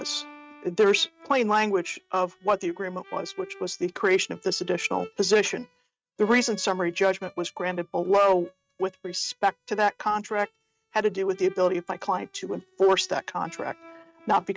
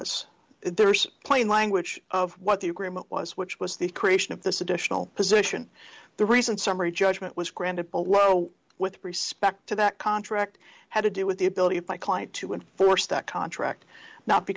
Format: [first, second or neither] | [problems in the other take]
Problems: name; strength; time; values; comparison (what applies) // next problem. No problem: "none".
second | noise reduction (neural mask model RNNoise)